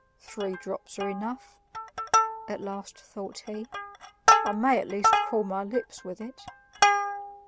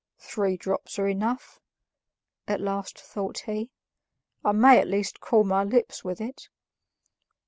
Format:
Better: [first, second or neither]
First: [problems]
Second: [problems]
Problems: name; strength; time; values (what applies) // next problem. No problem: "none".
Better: second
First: background sound (Plucked string instrument); 4 dB above the speech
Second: none